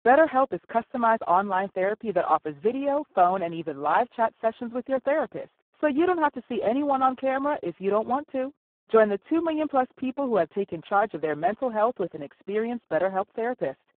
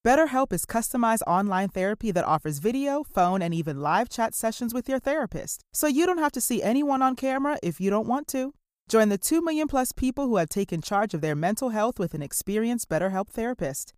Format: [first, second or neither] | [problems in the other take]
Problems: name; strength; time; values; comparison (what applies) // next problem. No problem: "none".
second | phone-call audio; poor line